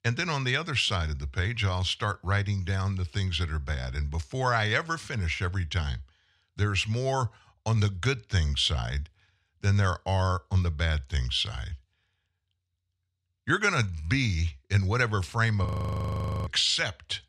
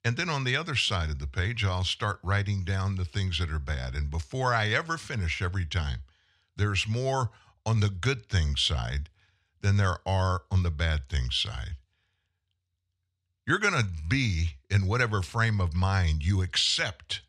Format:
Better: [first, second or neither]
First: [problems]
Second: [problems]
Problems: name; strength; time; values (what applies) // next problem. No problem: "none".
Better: second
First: audio freezing; at 16 s for 1 s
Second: none